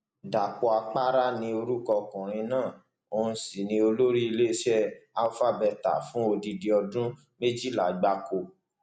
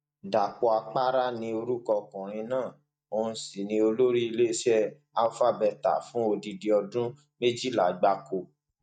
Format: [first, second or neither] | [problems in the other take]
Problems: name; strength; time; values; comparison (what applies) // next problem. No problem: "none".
first | noise reduction (neural mask model DeepFilterNet 3)